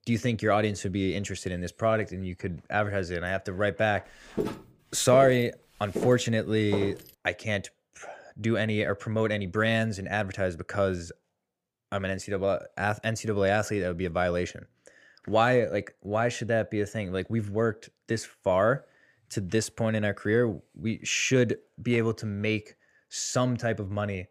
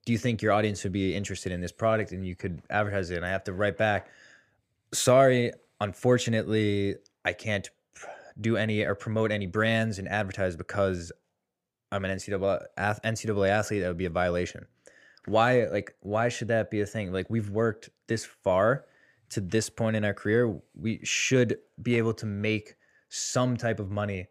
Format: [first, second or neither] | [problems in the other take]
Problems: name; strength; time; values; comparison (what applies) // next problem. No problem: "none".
second | footsteps; noticeable; from 4.5 to 7 s; peak 5 dB below the speech